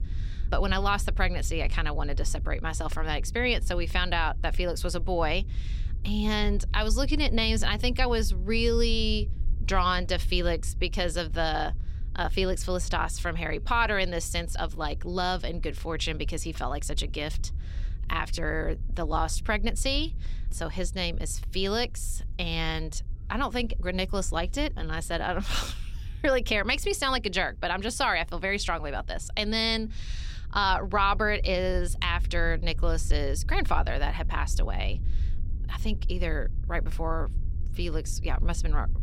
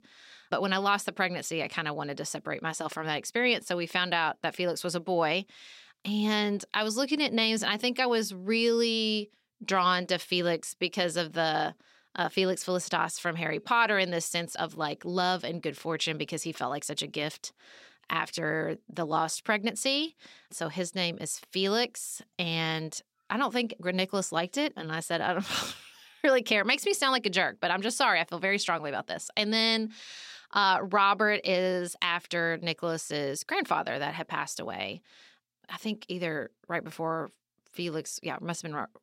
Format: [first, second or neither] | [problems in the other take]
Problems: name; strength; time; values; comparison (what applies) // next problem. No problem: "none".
second | low rumble; faint; throughout; 25 dB below the speech